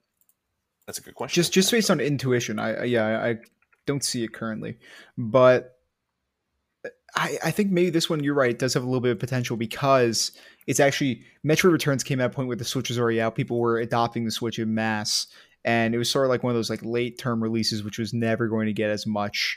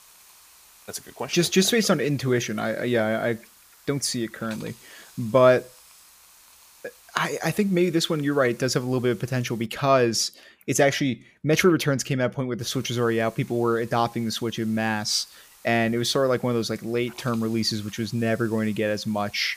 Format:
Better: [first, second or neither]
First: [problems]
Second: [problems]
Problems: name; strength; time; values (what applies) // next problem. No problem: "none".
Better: first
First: none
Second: hiss; faint; until 9.5 s and from 13 s on; 25 dB below the speech